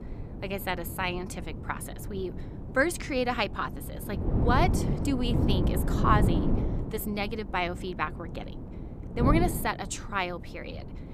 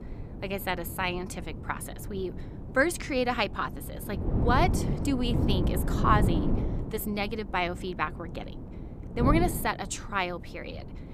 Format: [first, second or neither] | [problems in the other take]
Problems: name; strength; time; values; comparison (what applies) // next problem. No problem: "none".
second | wind noise on the microphone; heavy; 9 dB below the speech; occasional gusts in the second